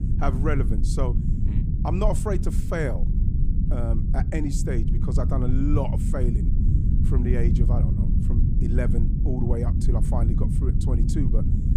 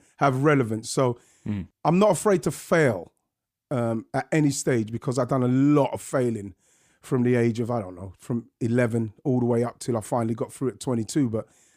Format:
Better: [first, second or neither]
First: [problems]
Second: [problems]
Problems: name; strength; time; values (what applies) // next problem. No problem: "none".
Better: second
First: low rumble; loud; throughout; 5 dB below the speech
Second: none